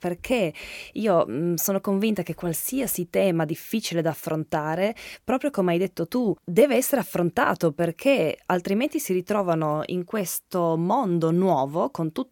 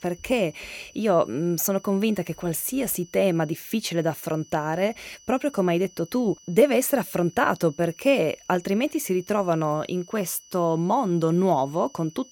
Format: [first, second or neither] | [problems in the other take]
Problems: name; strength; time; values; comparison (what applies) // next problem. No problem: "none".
first | high-pitched whine; faint; throughout; 6 kHz, 25 dB below the speech